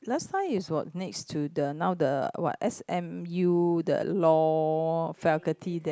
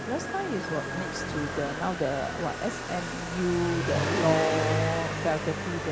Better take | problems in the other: first | background sound (Motorcycle); 1 dB below the speech

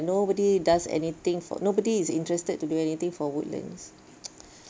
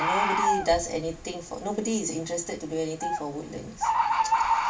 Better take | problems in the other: first | background sound (Bird); 2 dB above the speech // room echo; dies away in 0.2 s

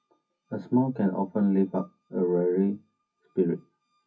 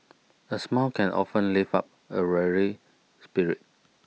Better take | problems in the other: second | noise reduction (classical method WPE with log-MMSE)

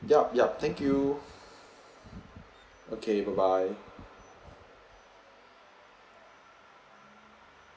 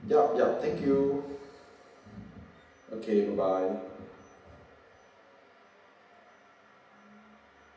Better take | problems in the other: first | room echo; dies away in 0.8 s

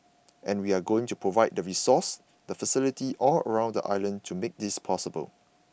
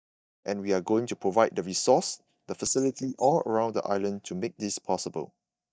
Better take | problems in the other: first | noise reduction (neural mask model DeepFilterNet 3)

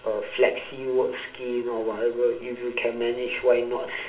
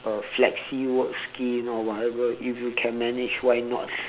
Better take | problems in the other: second | room echo; dies away in 0.6 s

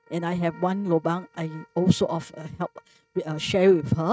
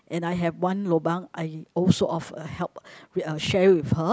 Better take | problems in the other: second | noise reduction (neural mask model RNNoise)

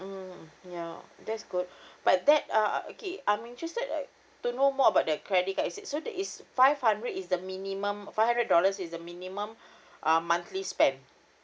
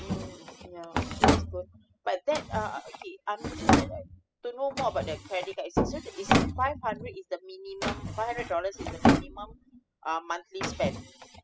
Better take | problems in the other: first | noise reduction (classical method spectral subtraction)

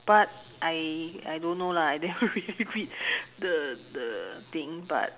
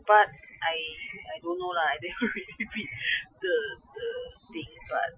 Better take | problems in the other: first | noise reduction (classical method Wiener filter)

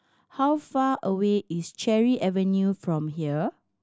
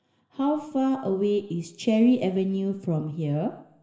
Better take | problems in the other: first | room echo; dies away in 2.1 s

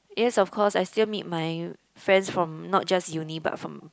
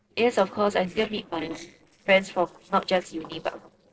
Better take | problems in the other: first | noise reduction (neural separator model SepFormer DNS4)

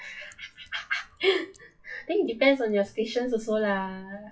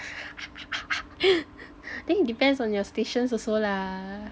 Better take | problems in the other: second | noise reduction (classical method WPE with log-MMSE)

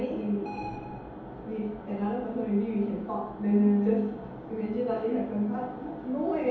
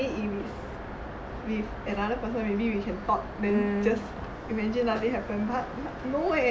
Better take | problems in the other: second | background sound (Alarm); 14 dB below the speech // room echo; dies away in 2 s

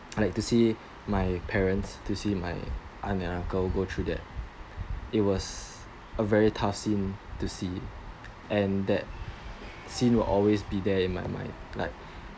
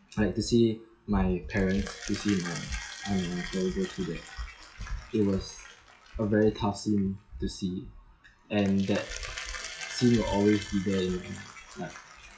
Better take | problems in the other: first | noise reduction (classical method WPE with log-MMSE)

